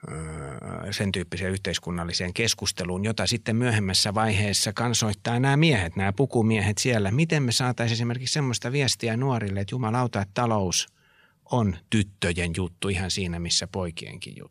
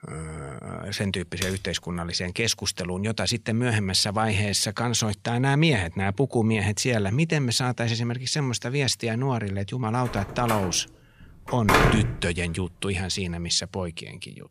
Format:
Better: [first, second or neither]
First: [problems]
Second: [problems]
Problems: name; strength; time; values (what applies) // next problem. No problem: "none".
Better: first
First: none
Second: keyboard typing; noticeable; at 1.5 s; peak 8 dB below the speech // door banging; loud; from 10 to 12 s; peak 6 dB above the speech